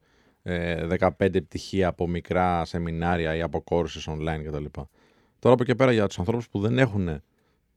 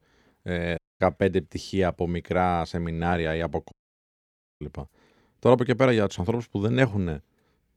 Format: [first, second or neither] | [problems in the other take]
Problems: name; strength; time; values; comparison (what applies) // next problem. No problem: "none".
first | audio cutting out; at 1 s and at 3.5 s for 1 s